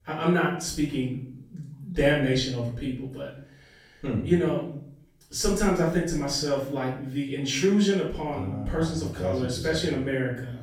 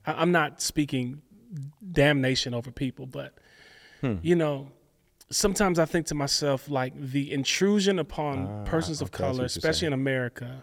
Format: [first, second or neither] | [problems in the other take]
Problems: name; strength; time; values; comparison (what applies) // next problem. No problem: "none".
second | off-mic speech; far // room echo; noticeable; dies away in 0.5 s